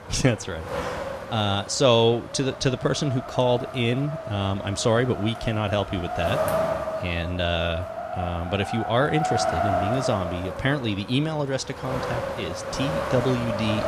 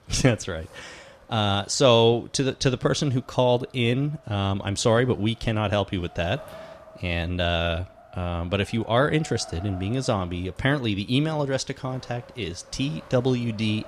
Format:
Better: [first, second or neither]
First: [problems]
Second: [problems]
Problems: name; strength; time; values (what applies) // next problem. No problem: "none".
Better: second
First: wind noise on the microphone; heavy; 3 dB below the speech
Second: wind noise on the microphone; occasional gusts; 20 dB below the speech